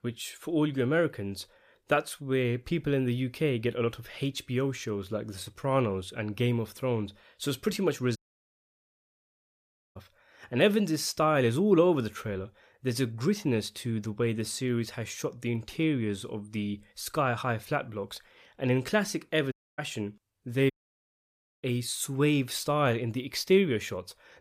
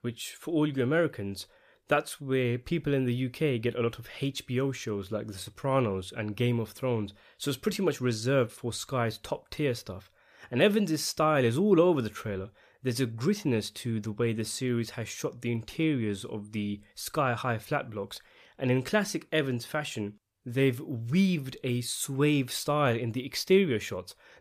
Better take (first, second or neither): second